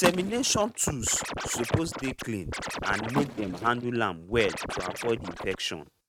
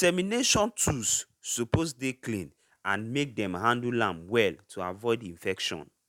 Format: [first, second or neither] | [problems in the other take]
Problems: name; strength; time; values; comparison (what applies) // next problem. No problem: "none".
second | noise reduction (neural mask model RNNoise)